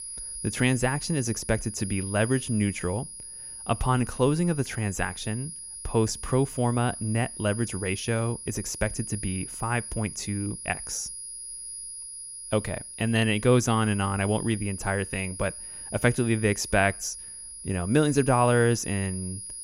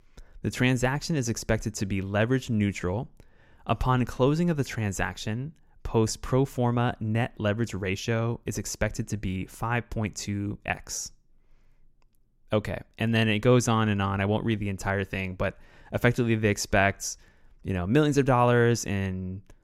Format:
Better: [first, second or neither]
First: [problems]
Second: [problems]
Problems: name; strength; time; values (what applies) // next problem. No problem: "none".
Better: second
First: high-pitched whine; loud; throughout; 10.5 kHz, 9 dB below the speech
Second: none